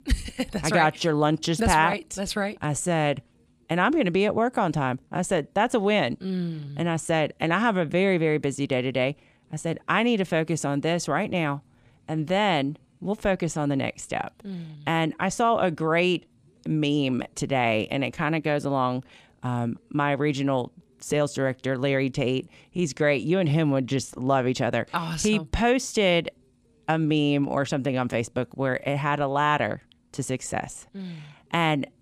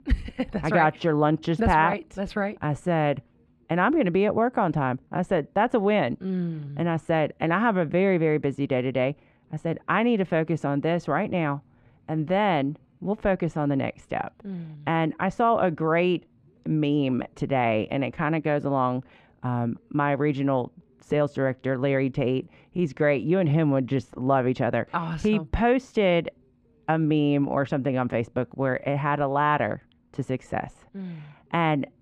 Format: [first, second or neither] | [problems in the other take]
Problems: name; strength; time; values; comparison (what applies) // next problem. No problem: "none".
first | muffled; very; fading above 4 kHz